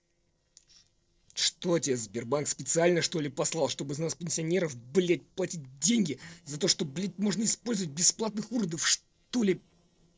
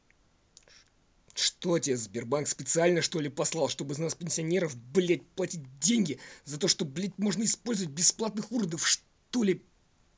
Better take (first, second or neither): second